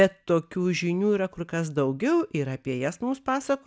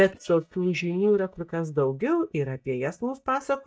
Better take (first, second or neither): first